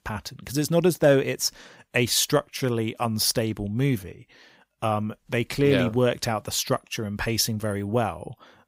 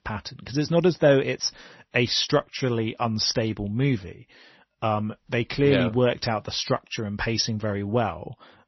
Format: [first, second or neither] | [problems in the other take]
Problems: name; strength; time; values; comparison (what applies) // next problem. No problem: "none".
first | garbled, watery; slightly; nothing above 6 kHz